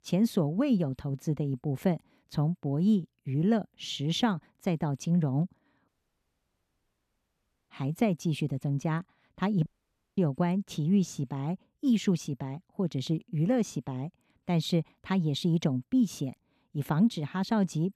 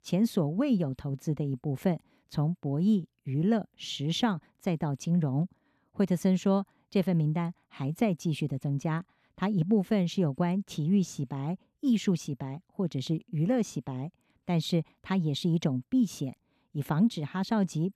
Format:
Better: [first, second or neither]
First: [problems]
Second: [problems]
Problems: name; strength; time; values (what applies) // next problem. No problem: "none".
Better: second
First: audio cutting out; at 6 s for 2 s and at 9.5 s for 0.5 s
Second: none